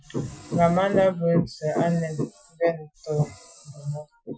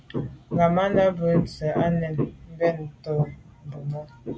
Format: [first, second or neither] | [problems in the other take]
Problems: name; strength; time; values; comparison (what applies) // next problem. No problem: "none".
second | noise reduction (classical method Wiener filter)